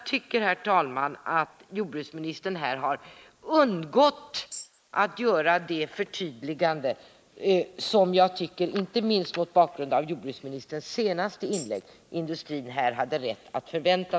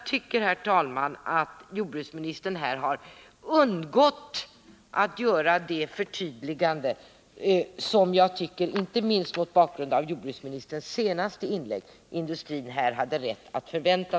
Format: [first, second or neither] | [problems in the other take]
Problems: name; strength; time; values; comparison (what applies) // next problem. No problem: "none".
second | noise reduction (neural mask model Resemble Enhance denoiser)